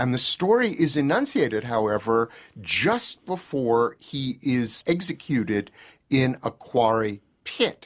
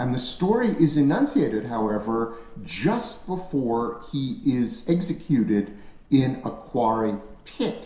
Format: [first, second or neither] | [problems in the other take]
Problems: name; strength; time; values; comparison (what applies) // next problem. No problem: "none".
first | background sound (Rain); 20 dB below the speech // room echo; dies away in 0.7 s